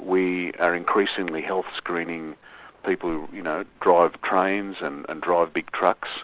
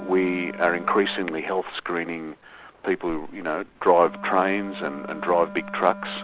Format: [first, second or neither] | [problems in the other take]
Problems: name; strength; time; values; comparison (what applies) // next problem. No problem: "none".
first | background sound (Wind instrument, woodwind instrument); 16 dB below the speech